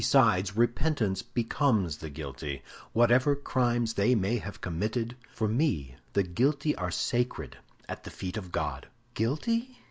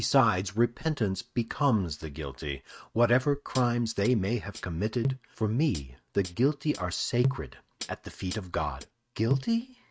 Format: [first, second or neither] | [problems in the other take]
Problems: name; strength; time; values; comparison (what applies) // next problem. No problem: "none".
first | noise reduction (neural mask model RNNoise)